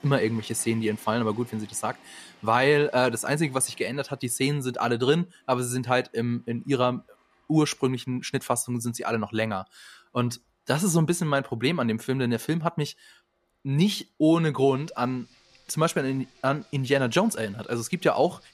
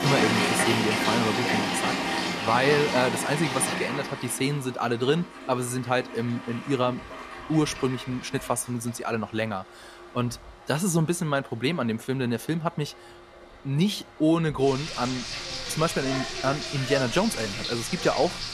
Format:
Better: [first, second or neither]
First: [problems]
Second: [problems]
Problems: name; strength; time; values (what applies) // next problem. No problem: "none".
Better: first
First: household noises; faint; throughout; 30 dB below the speech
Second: household noises; loud; throughout; 2 dB below the speech